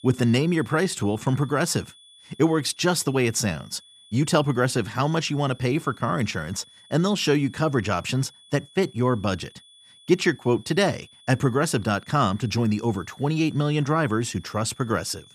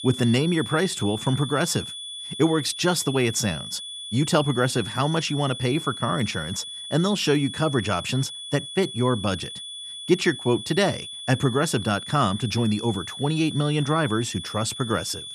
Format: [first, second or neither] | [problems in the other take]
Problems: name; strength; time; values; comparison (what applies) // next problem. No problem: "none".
first | high-pitched whine; loud; throughout; 3.5 kHz, 9 dB below the speech; faint in the first